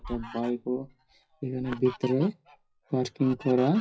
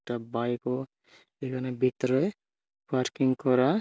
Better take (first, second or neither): second